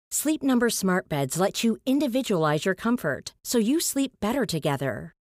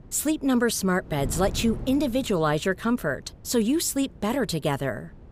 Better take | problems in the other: first | wind noise on the microphone; occasional gusts; 20 dB below the speech

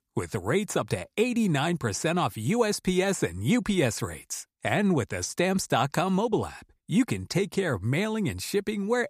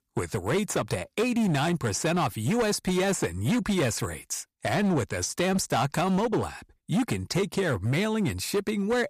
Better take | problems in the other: first | distortion; slight; 14% of the sound clipped

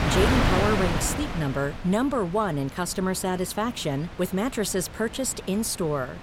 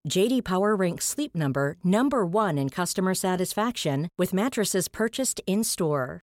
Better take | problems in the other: second | wind noise on the microphone; heavy; 1 dB above the speech

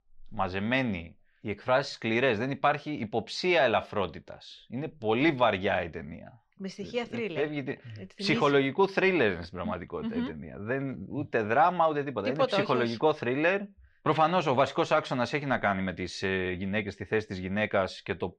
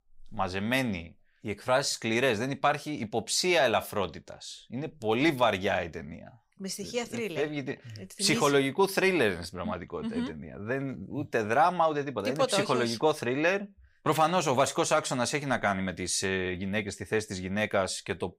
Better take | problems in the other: second | muffled; slightly; fading above 3.5 kHz

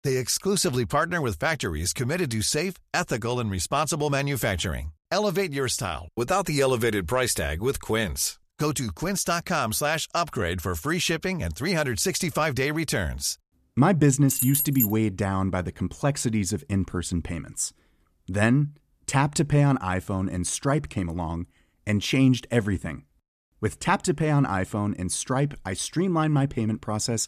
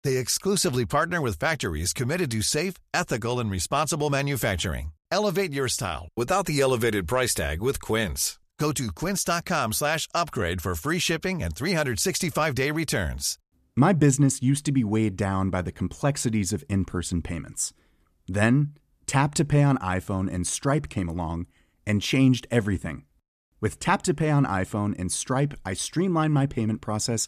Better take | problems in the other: second | jangling keys; loud; at 14 s; peak 2 dB above the speech

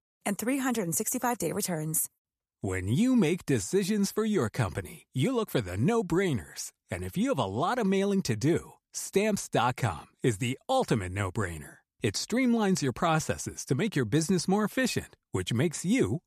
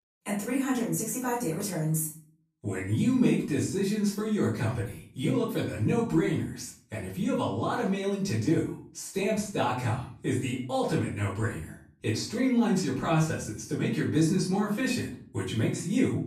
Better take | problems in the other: first | room echo; noticeable; dies away in 0.4 s // off-mic speech; far

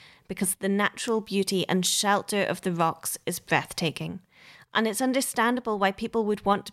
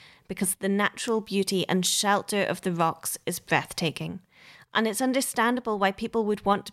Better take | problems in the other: neither | none

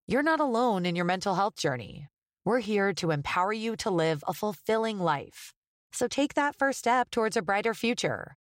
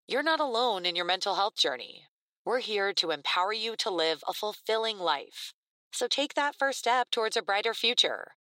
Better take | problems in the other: first | thin; somewhat; fading below 350 Hz

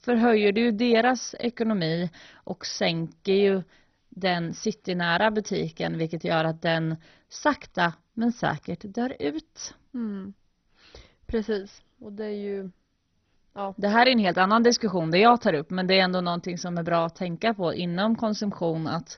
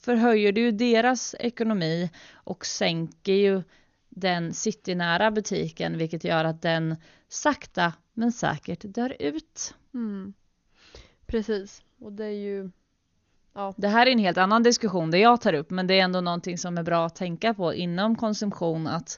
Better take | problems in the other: second | garbled, watery; badly; nothing above 6 kHz; slightly in the second

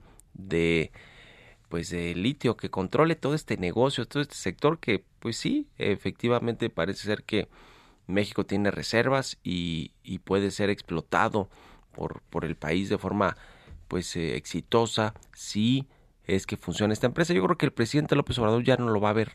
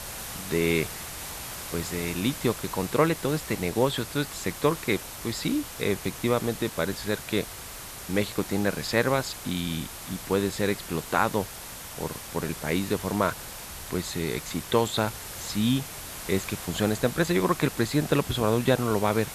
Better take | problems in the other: first | hiss; loud; throughout; 9 dB below the speech

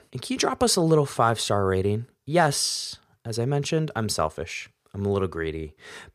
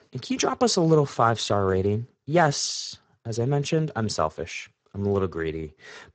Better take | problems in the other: first | garbled, watery; badly; nothing above 7.5 kHz

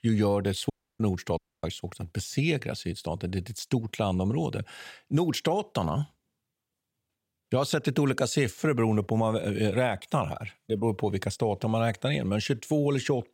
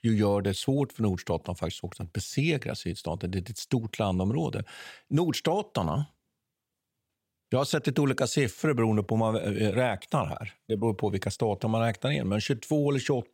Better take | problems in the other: second | audio cutting out; at 0.5 s and at 1.5 s

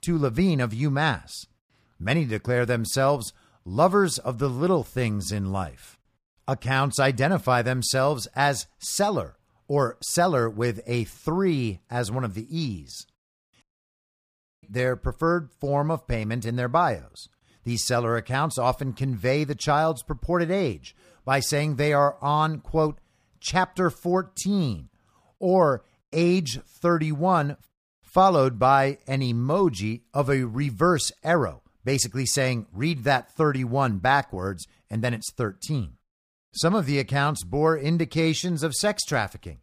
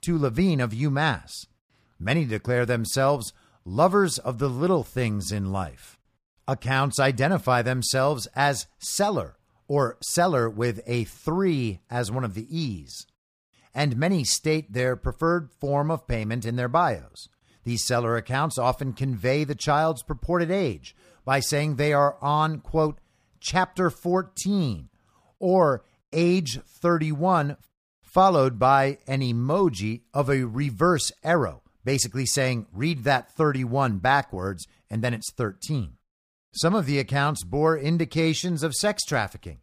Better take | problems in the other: second | audio cutting out; at 14 s for 1 s

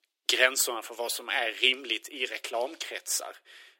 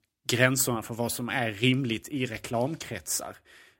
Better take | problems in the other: second | thin; very; fading below 350 Hz

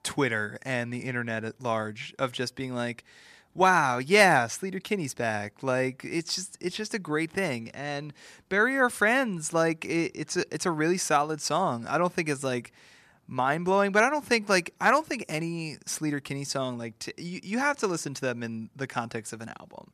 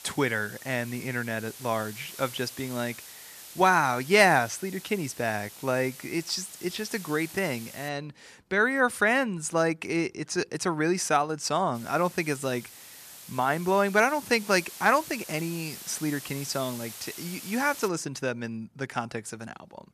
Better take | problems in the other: first | hiss; noticeable; until 8 s and from 12 to 18 s; 15 dB below the speech

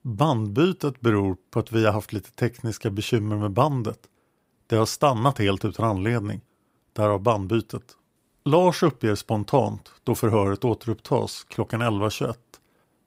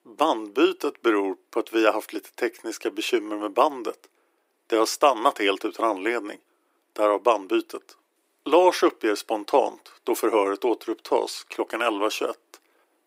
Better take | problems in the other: first | thin; very; fading below 300 Hz

